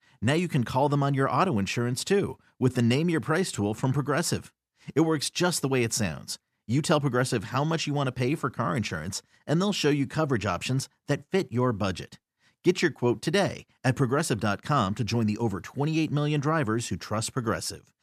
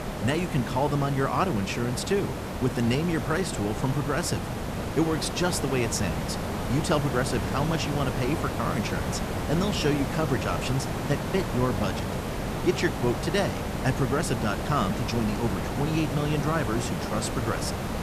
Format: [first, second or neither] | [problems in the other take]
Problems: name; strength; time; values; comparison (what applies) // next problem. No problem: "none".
first | hiss; loud; throughout; 3 dB below the speech